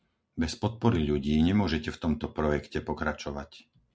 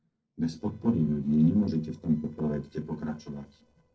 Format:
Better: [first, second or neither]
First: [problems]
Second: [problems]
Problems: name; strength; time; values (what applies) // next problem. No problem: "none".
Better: first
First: none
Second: noise reduction (neural separator model SepFormer DNS4)